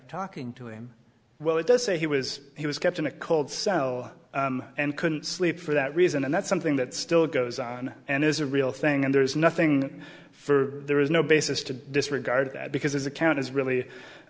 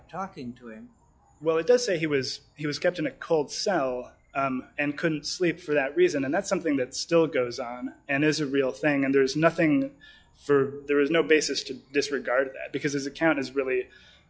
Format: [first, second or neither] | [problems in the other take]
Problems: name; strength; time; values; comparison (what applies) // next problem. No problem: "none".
first | noise reduction (classical method log-MMSE)